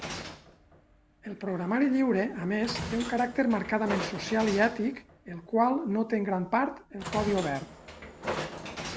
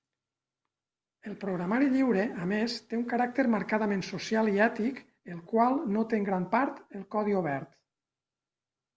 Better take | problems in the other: second | background sound (Train); 11 dB below the speech

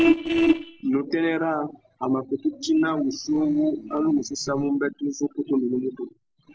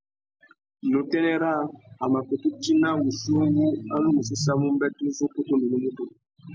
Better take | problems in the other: second | noise reduction (neural separator model SepFormer DNS4)

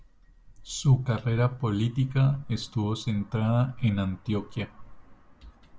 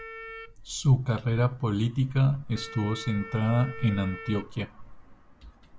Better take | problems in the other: first | background sound (Wind instrument, woodwind instrument); 17 dB below the speech

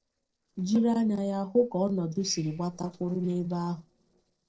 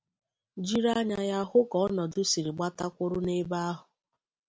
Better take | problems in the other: second | noise reduction (neural separator model SepFormer DNS4)

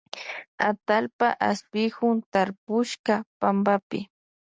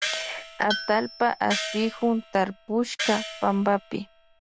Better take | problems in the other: first | background sound (Tools + Gong); 8 dB below the speech

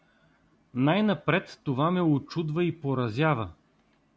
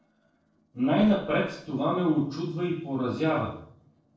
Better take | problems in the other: first | noise reduction (neural separator model SepFormer DNS4)

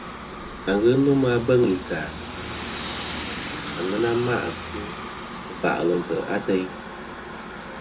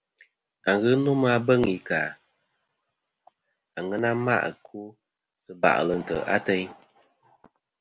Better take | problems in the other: second | background sound (Aircraft); 9 dB below the speech // room echo; dies away in 0.2 s

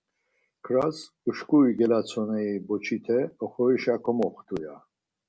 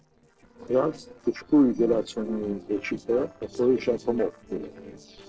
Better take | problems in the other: first | noise reduction (neural separator model SepFormer DNS4)

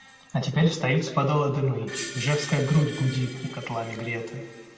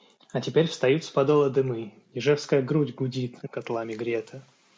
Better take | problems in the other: second | background sound (Screech); 16 dB below the speech // room echo; dies away in 1.8 s

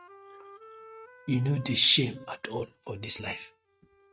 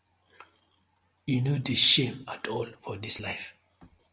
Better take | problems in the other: second | noise reduction (neural mask model RNNoise)

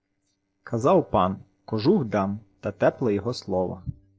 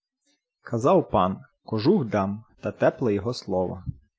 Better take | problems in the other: second | noise reduction (neural separator model SepFormer DNS4)

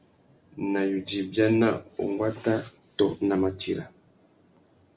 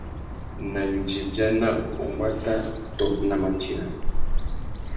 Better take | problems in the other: first | background sound (Bird); as loud as the speech // room echo; dies away in 1 s

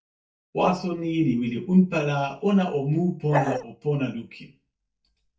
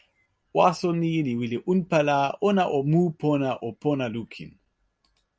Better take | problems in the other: second | noise reduction (neural mask model DeepFilterNet 3)

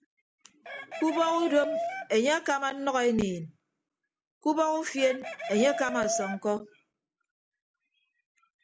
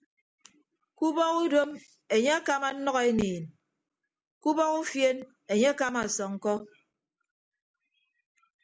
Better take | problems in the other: second | background sound (Chicken, rooster); 8 dB below the speech

